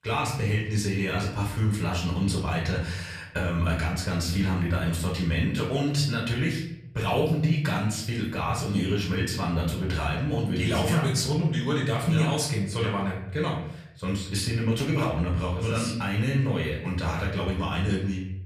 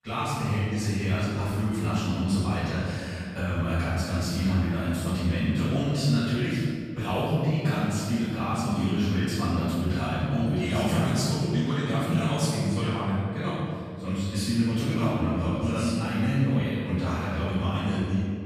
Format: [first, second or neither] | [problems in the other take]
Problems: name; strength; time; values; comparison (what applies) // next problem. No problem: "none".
first | room echo; strong; dies away in 2.2 s; slight in the first // off-mic speech; far; far in the first